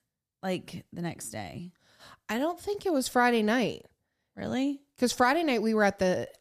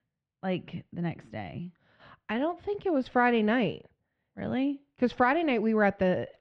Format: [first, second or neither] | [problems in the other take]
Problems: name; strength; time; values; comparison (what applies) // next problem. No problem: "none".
first | muffled; very; fading above 3 kHz